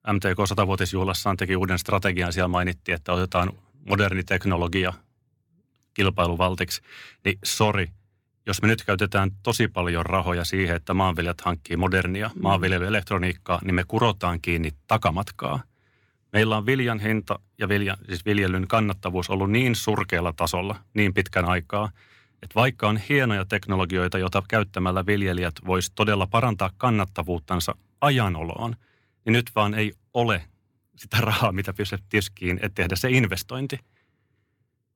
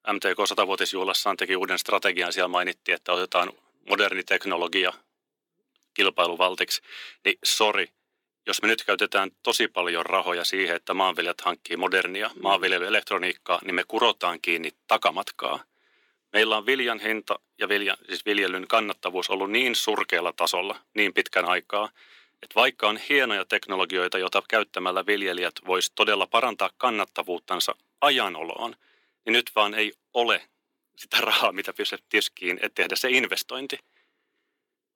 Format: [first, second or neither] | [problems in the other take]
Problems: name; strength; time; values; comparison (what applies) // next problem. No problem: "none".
first | thin; very; fading below 300 Hz